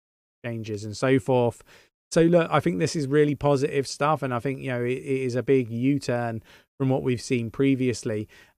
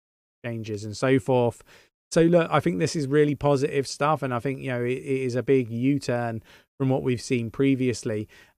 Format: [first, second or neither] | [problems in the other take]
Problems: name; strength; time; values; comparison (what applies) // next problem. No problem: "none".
neither | none